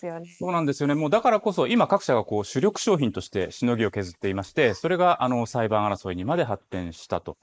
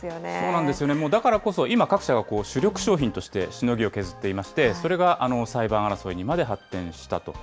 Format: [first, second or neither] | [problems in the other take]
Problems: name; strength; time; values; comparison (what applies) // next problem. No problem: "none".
second | noise reduction (neural mask model Resemble Enhance denoiser)